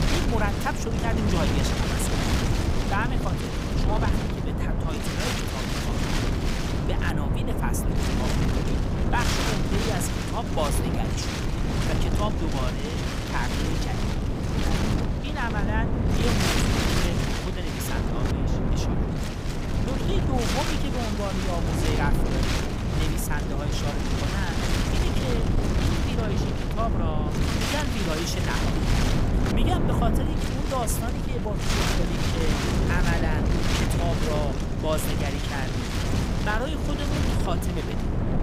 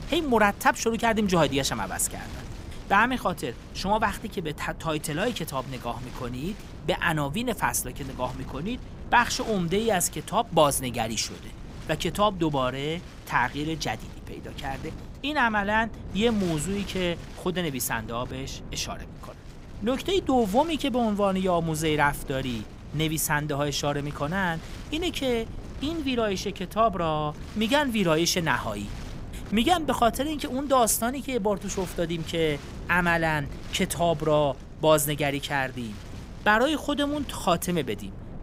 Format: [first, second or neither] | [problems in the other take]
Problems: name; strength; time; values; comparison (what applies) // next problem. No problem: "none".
second | wind noise on the microphone; heavy; 2 dB above the speech; occasional gusts in the second